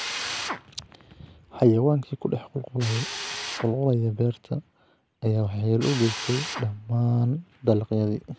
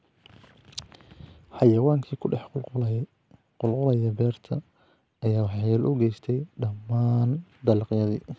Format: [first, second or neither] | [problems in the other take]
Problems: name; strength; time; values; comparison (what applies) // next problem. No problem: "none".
second | background sound (Drill); 12 dB below the speech